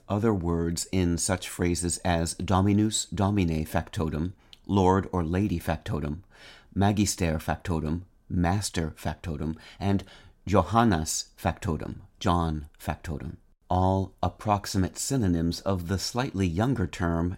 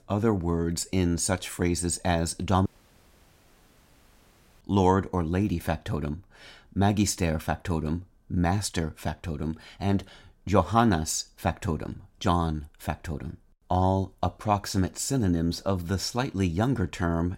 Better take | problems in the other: first | audio cutting out; at 2.5 s for 2 s

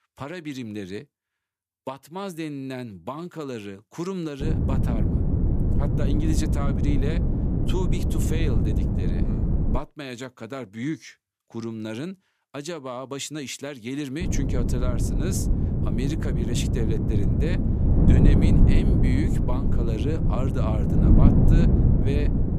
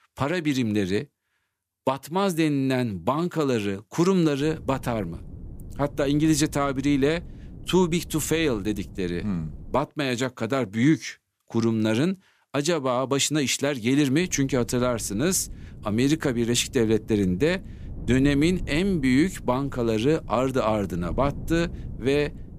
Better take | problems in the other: second | wind noise on the microphone; heavy; from 4.5 to 10 s and from 14 s on; 2 dB above the speech; occasional gusts in the second

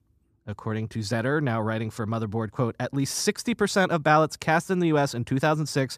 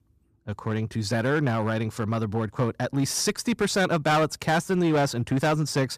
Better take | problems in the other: first | distortion; slight; 8% of the sound clipped

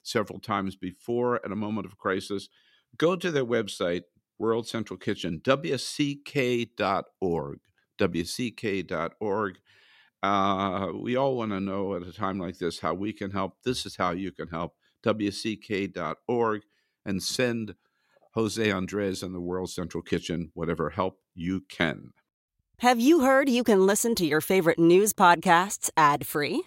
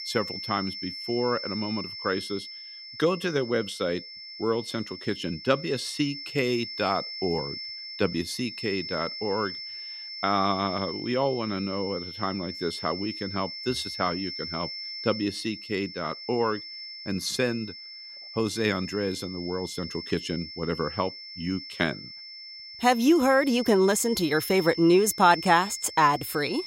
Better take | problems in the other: first | high-pitched whine; loud; throughout; 5.5 kHz, 9 dB below the speech

